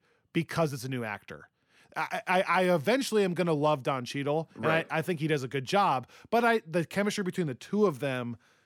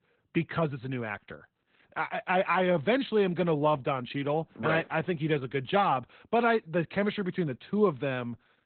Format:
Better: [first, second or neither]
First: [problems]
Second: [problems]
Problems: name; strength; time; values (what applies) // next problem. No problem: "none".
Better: first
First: none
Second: garbled, watery; badly; nothing above 4 kHz